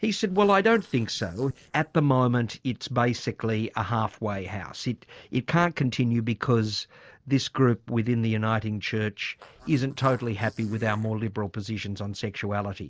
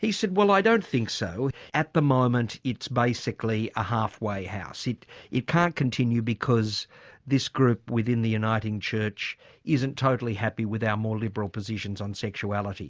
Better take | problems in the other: second | noise reduction (neural separator model SepFormer DNS4)

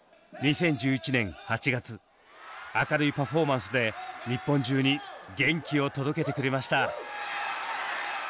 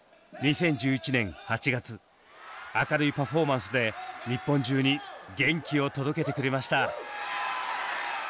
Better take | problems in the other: first | background sound (Bird); 19 dB below the speech

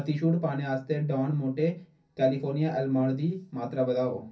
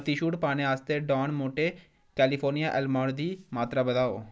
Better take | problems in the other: second | room echo; dies away in 0.3 s

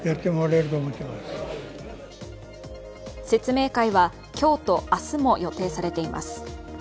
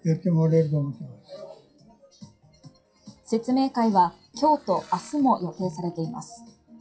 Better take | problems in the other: first | noise reduction (classical method WPE with log-MMSE)

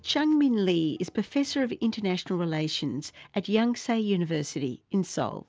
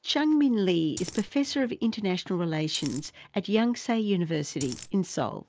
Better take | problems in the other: first | noise reduction (neural mask model Resemble Enhance denoiser)

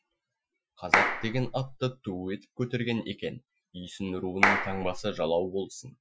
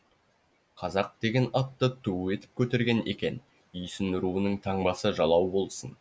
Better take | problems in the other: second | noise reduction (classical method Wiener filter)

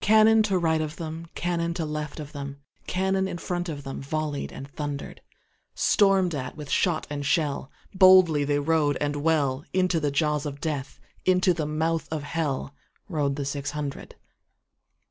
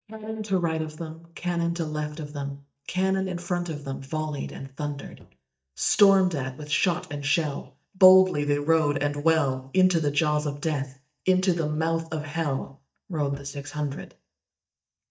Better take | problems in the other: first | noise reduction (neural mask model DeepFilterNet 3)

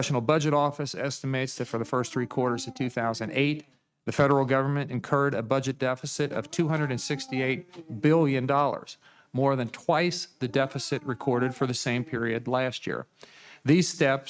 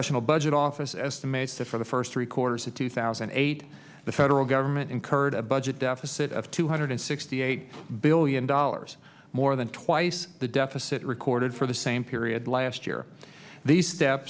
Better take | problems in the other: second | noise reduction (neural mask model RNNoise)

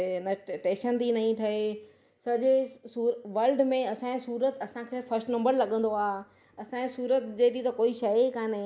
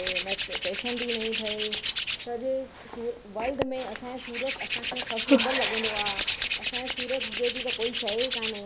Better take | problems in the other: first | background sound (Hands); 2 dB above the speech

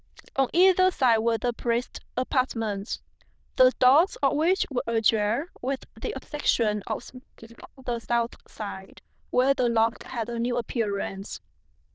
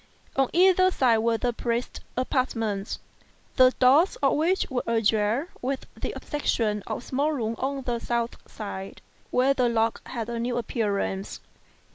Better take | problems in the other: second | noise reduction (neural diffusion model UNIVERSE++)

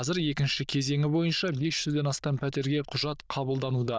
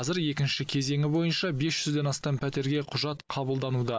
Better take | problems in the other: second | noise reduction (neural diffusion model UNIVERSE++)

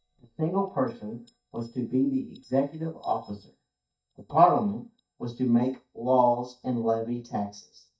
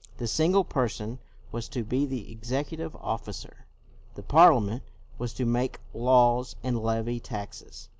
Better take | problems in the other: second | noise reduction (neural mask model DeepFilterNet 3)

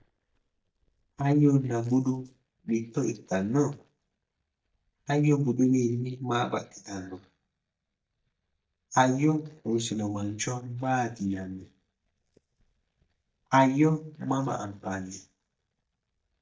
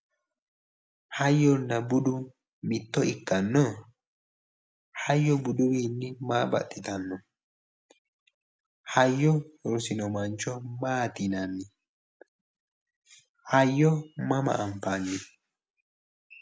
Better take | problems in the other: second | noise reduction (neural mask model DeepFilterNet 3)

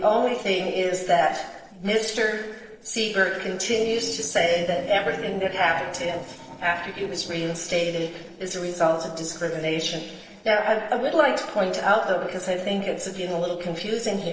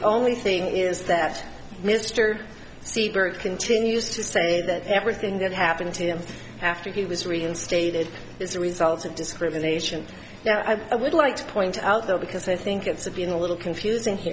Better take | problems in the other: second | noise reduction (neural separator model SepFormer DNS4)

